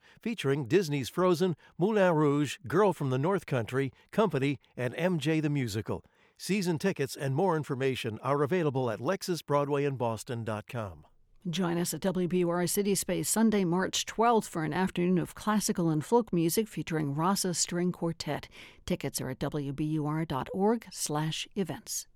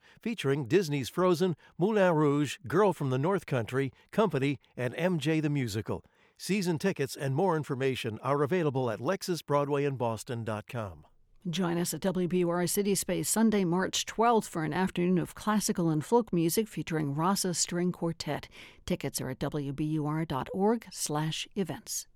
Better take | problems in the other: neither | none

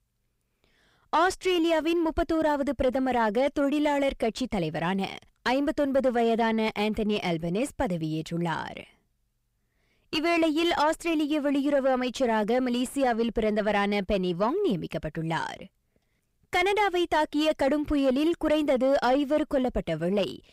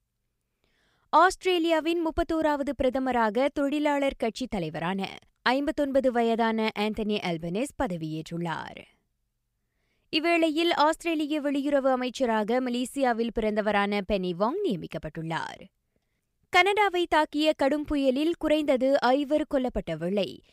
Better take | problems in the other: second | distortion; slight; 10 dB below the speech

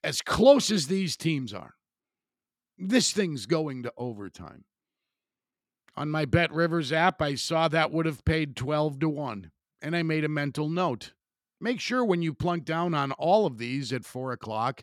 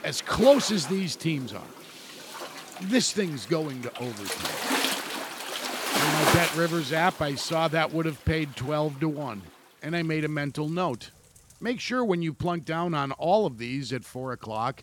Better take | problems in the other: first | rain or running water; loud; throughout; 3 dB below the speech

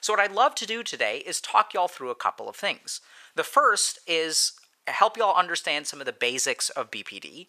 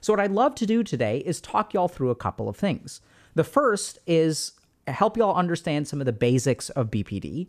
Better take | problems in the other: second | thin; very; fading below 950 Hz

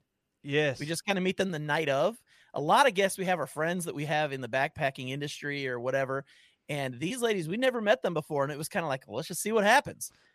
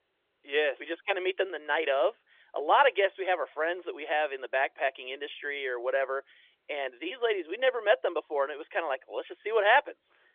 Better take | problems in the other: first | phone-call audio; nothing above 3.5 kHz

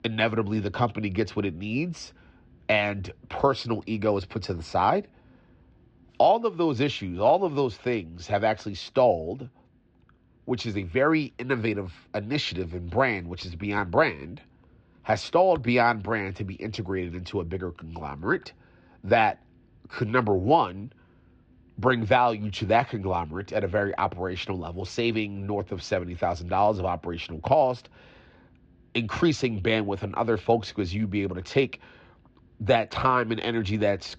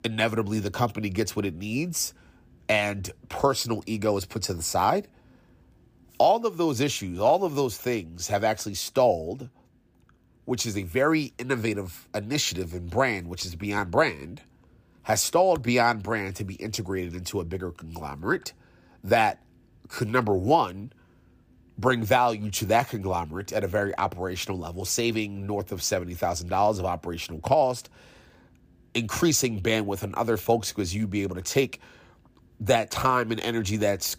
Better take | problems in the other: second | muffled; slightly; fading above 4 kHz

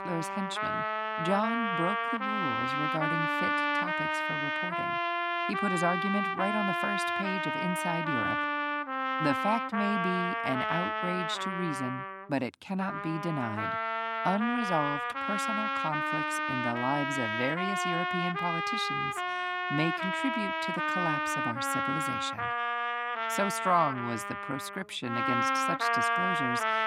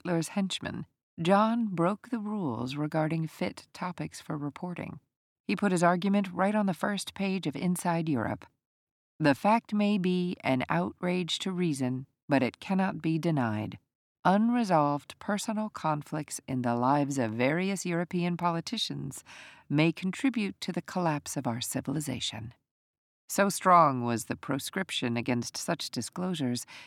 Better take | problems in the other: second | background music; very loud; throughout; 3 dB above the speech

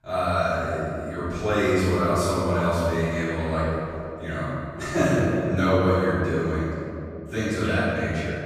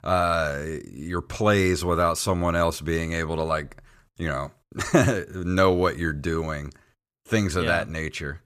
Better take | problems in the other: second | room echo; strong; dies away in 2.5 s // off-mic speech; far

